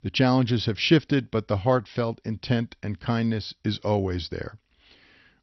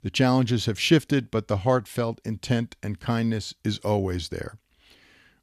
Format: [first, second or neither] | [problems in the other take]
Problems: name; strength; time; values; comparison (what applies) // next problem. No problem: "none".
second | garbled, watery; slightly; nothing above 5.5 kHz